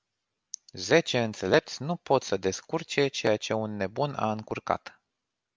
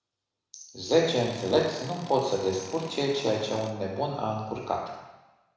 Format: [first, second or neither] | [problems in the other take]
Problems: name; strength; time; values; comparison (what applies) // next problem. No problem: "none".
first | background sound (Tools); 15 dB below the speech // room echo; dies away in 1 s